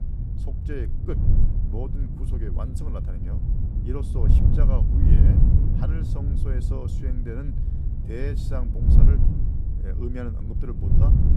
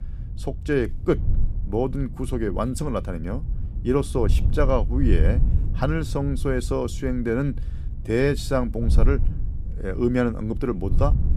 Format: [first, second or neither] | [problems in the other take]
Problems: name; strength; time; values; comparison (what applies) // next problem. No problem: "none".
second | wind noise on the microphone; heavy; 1 dB above the speech; occasional gusts in the second